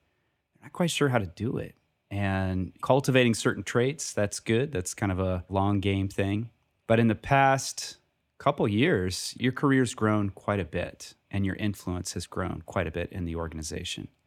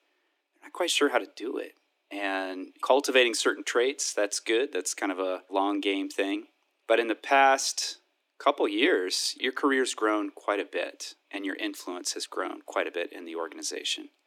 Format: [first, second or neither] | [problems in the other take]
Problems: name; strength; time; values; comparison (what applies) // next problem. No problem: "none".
first | thin; somewhat; fading below 300 Hz